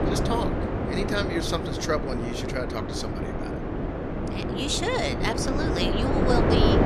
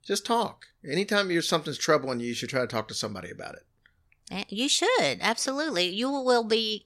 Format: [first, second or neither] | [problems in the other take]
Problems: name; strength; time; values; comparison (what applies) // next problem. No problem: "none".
second | wind noise on the microphone; heavy; 1 dB below the speech